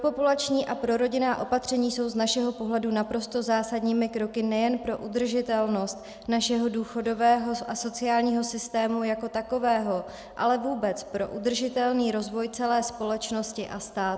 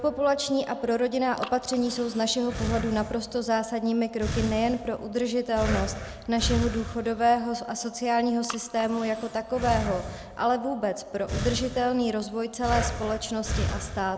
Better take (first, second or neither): first